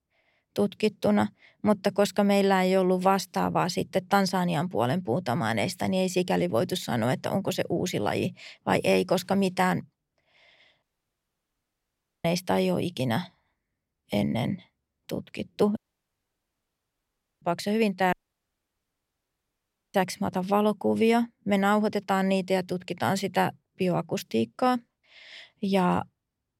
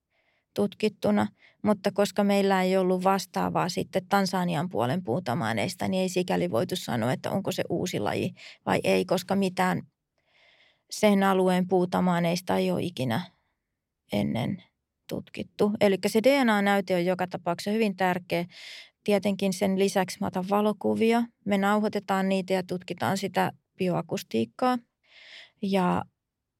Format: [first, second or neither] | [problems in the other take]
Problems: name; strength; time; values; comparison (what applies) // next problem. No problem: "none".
second | audio cutting out; at 11 s for 1.5 s, at 16 s for 1.5 s and at 18 s for 2 s